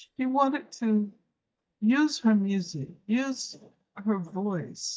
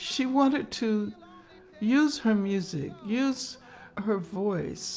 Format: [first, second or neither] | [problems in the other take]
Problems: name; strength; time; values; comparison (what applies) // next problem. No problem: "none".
second | noise reduction (neural mask model DeepFilterNet 3)